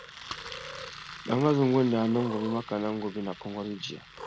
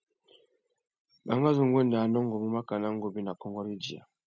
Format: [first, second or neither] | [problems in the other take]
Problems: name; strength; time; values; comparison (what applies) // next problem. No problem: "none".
second | background sound (Cat + Engine); 14 dB below the speech